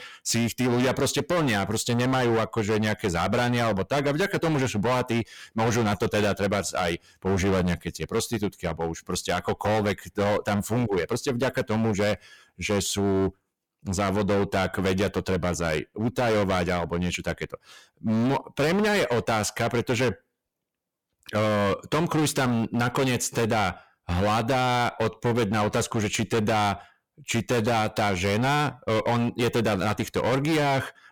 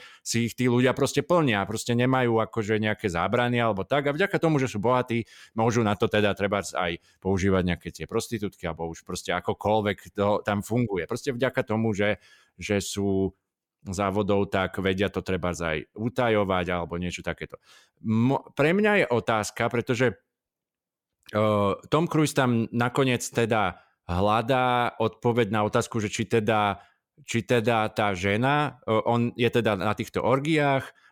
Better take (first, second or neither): second